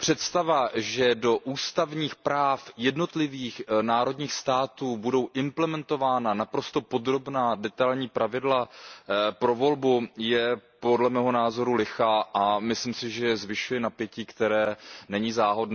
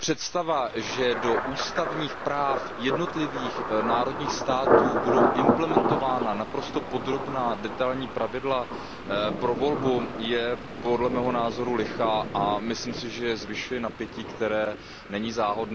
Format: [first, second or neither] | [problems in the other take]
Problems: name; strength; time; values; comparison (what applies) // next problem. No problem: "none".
first | background sound (Thunder); 1 dB below the speech